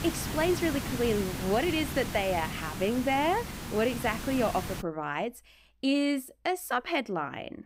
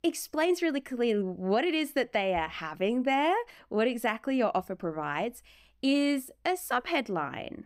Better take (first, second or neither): second